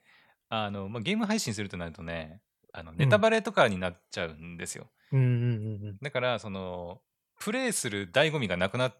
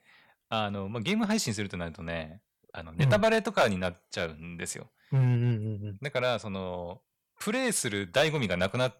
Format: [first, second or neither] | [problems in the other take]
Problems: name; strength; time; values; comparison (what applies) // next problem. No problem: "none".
first | distortion; slight; 2% of the sound clipped